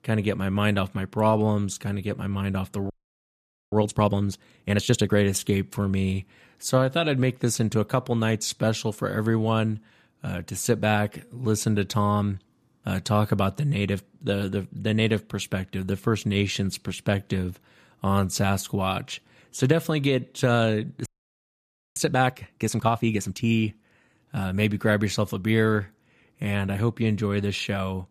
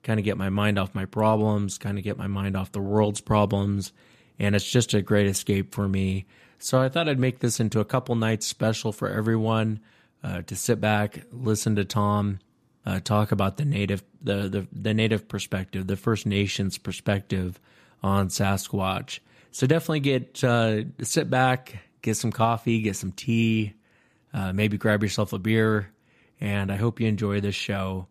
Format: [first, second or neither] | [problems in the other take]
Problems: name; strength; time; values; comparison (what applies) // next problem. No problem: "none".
second | audio freezing; at 3 s for 1 s and at 21 s for 1 s